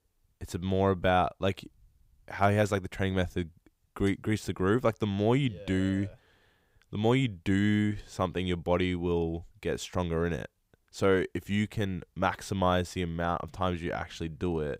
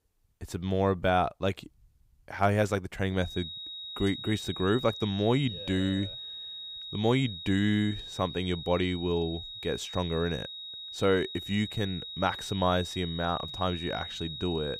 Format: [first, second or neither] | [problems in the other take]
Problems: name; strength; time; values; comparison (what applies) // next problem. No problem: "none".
first | high-pitched whine; loud; from 3 s on; 4 kHz, 8 dB below the speech